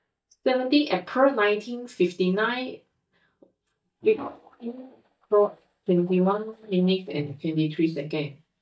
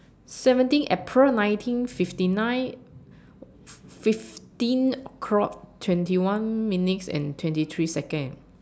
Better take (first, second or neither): second